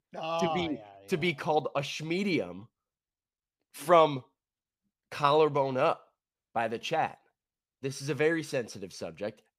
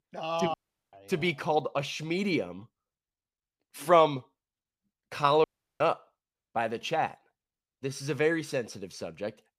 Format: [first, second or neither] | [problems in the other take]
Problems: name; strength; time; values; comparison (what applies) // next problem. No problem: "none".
first | audio cutting out; at 0.5 s and at 5.5 s